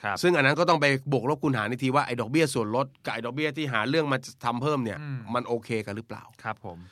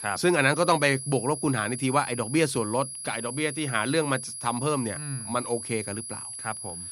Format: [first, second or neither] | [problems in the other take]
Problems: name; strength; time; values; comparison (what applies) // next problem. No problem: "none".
first | high-pitched whine; loud; throughout; 10.5 kHz, 8 dB below the speech